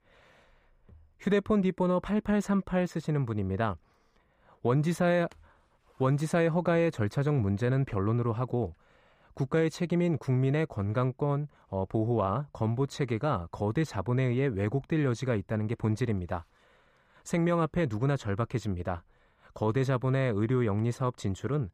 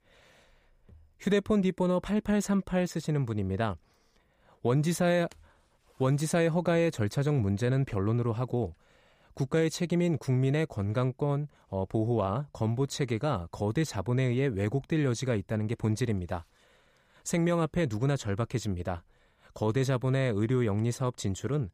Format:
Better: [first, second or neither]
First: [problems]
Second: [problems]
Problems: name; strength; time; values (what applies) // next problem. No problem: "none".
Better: second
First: muffled; very slightly; fading above 3.5 kHz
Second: none